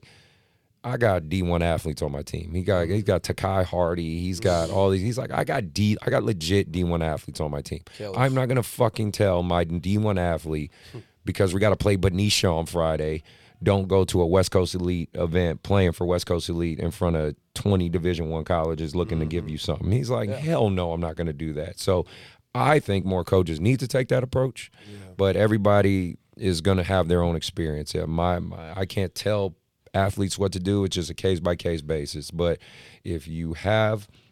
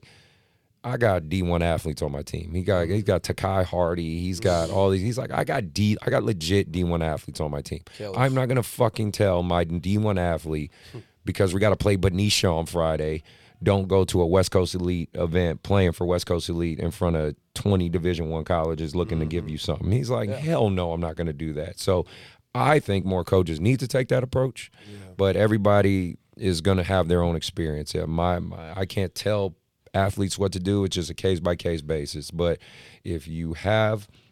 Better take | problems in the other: neither | none

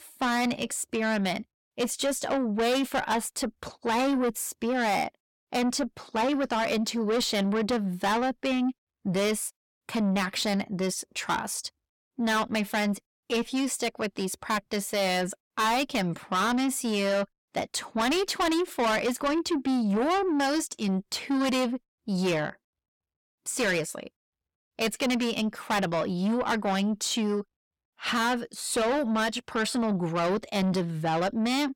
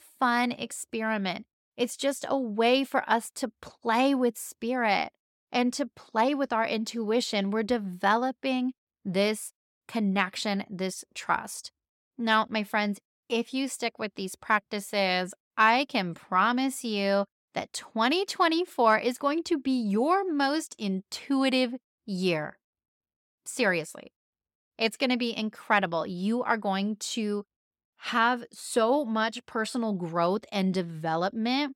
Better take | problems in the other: second | distortion; heavy; 6 dB below the speech

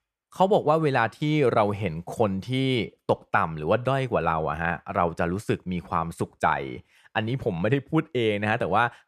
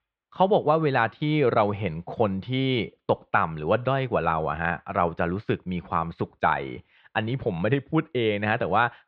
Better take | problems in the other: first | muffled; very slightly; fading above 4 kHz

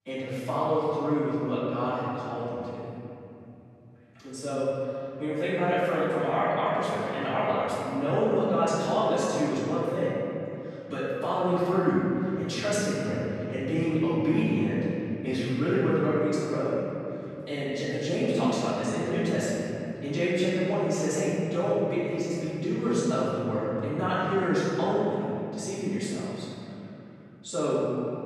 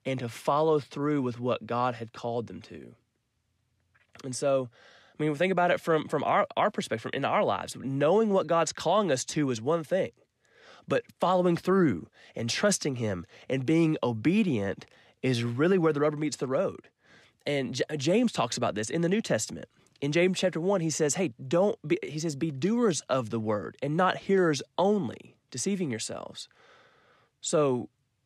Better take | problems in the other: second | off-mic speech; far // room echo; strong; dies away in 3 s

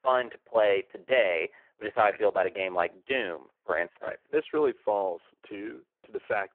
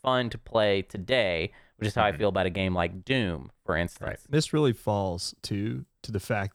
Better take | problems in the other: second | phone-call audio; poor line

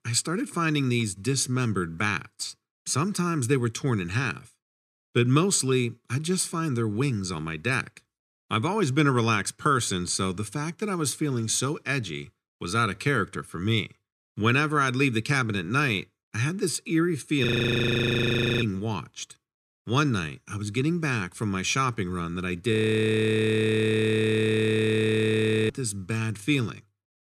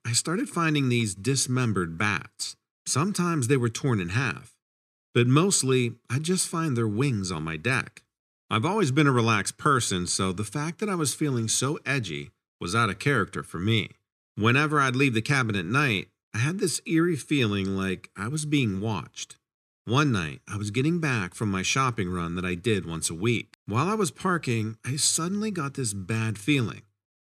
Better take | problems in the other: second | audio freezing; at 17 s for 1 s and at 23 s for 3 s

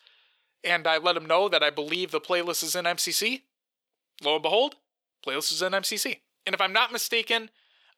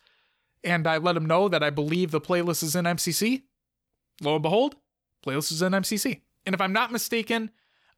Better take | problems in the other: second | thin; somewhat; fading below 500 Hz

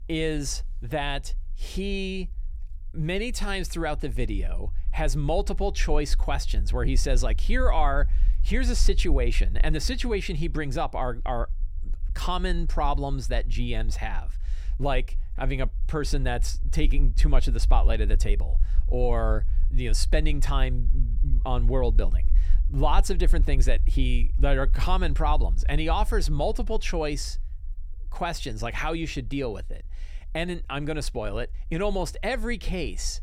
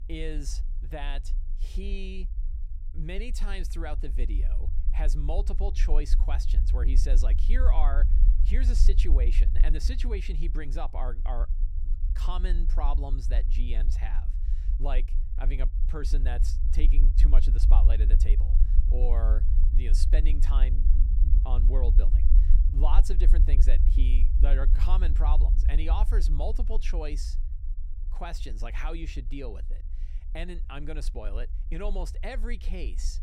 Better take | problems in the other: first | low rumble; loud; throughout; 9 dB below the speech; faint in the first

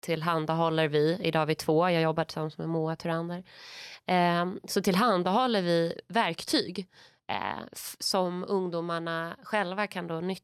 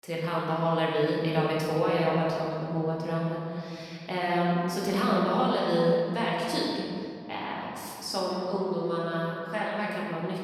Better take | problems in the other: first | room echo; strong; dies away in 2.4 s // off-mic speech; far

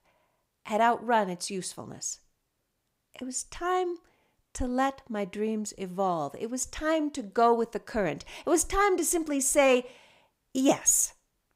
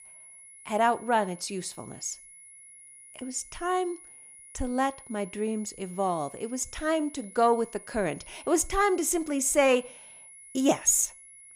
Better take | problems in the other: first | high-pitched whine; noticeable; throughout; 10.5 kHz, 20 dB below the speech

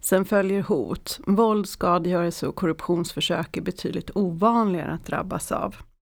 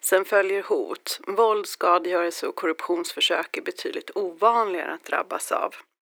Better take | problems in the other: first | thin; very; fading below 350 Hz

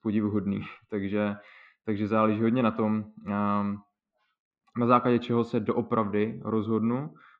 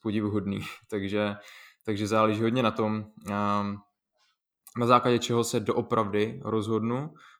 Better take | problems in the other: second | muffled; very; fading above 2.5 kHz

